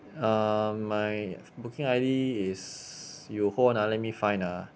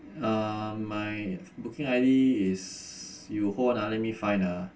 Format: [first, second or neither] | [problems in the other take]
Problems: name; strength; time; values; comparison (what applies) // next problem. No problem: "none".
first | room echo; dies away in 0.2 s